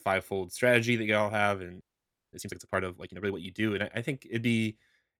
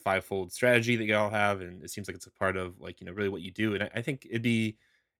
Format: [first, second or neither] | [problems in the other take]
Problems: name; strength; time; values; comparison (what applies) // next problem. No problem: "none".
second | audio freezing; at 2 s for 0.5 s